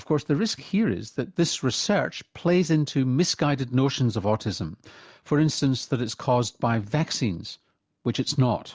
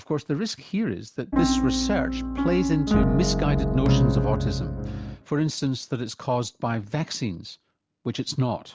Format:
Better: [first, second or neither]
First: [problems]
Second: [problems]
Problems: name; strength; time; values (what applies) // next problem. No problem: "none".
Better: first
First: none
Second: background sound (Piano); 4 dB above the speech